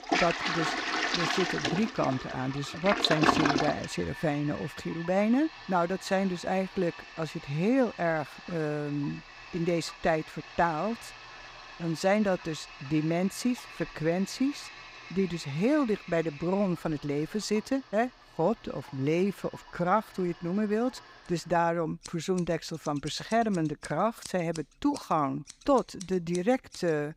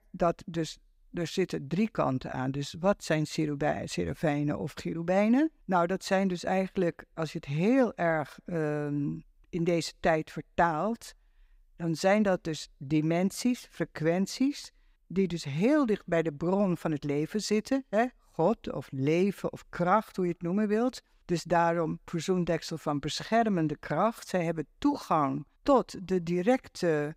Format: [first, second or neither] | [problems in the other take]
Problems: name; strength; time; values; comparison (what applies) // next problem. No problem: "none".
second | household noises; loud; throughout; 5 dB below the speech